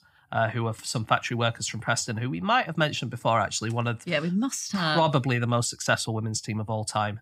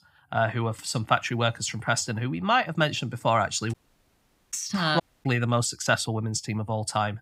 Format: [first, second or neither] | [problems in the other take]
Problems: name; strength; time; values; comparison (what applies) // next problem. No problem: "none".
first | audio cutting out; at 3.5 s for 1 s and at 5 s